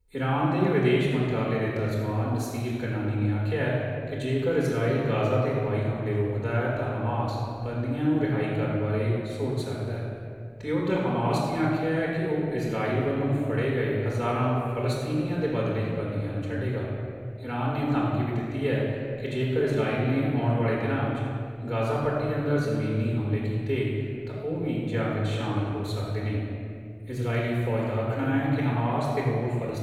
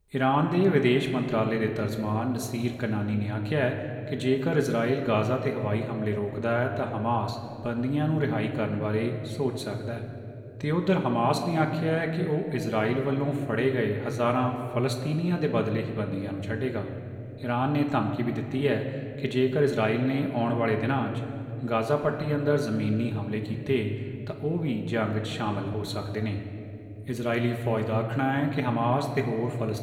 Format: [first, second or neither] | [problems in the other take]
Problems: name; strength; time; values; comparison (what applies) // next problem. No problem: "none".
second | room echo; strong; dies away in 2.1 s; slight in the second // off-mic speech; far